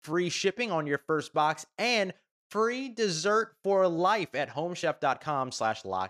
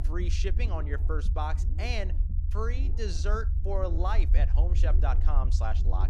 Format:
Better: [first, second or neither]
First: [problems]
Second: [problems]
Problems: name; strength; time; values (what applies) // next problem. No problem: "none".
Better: first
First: none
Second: low rumble; noticeable; throughout; 10 dB below the speech